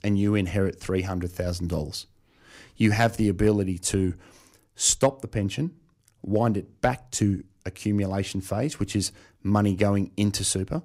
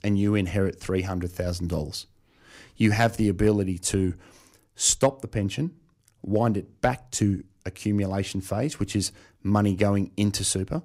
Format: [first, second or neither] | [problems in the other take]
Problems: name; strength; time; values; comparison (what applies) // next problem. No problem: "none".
neither | none